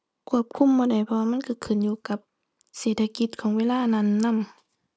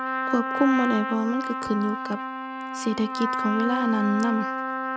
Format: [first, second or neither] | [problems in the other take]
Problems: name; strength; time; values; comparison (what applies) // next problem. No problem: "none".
first | background sound (Trumpet); 3 dB below the speech